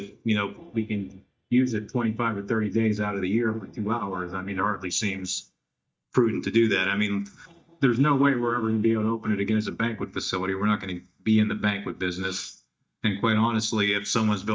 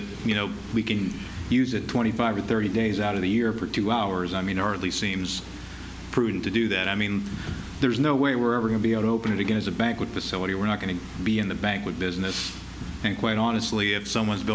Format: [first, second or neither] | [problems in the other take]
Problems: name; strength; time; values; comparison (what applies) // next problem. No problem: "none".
second | noise reduction (neural mask model DeepFilterNet 3)